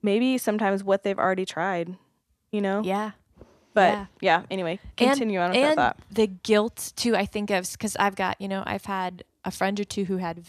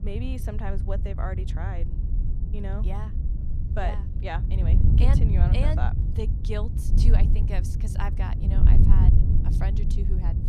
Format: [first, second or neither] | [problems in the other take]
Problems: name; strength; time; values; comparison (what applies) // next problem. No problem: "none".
first | wind noise on the microphone; heavy; 3 dB below the speech